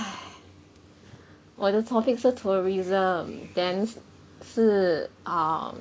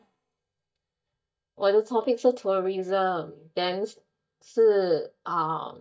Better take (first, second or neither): first